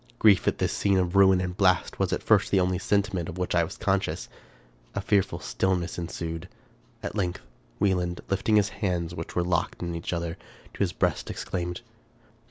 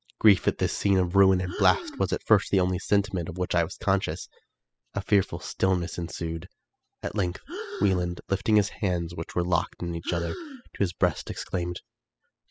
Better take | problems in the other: first | noise reduction (classical method spectral subtraction)

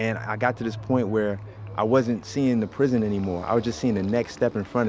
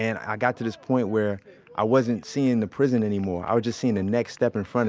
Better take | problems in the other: second | background sound (Motorcycle); 15 dB below the speech

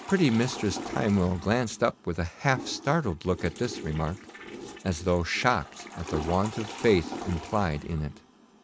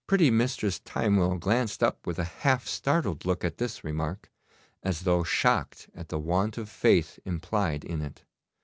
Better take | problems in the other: second | background sound (Toilet flush / Water); 13 dB below the speech

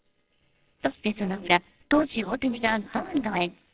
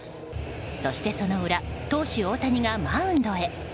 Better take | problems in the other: second | noise reduction (neural separator model SepFormer WHAMR!)

